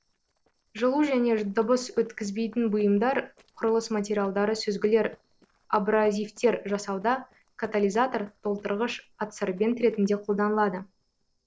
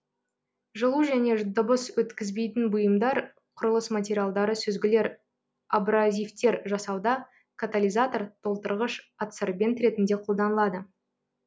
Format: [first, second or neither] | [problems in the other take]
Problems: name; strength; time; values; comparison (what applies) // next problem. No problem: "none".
second | noise reduction (neural separator model SepFormer DNS4)